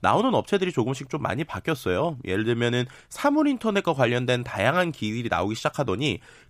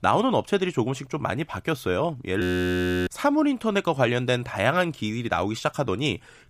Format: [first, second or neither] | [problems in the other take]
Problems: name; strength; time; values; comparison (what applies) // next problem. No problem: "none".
first | audio freezing; at 2.5 s for 0.5 s